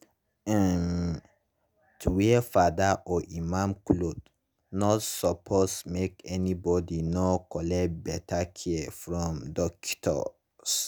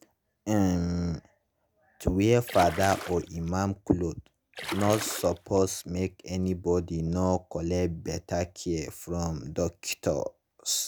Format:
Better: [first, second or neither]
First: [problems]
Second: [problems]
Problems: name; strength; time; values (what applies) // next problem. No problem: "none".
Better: first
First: none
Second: background sound (Splash, splatter); 10 dB below the speech